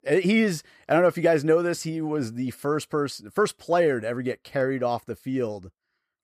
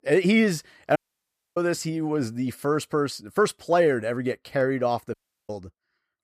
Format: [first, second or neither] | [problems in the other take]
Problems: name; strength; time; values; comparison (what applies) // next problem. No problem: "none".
first | audio cutting out; at 1 s for 0.5 s and at 5 s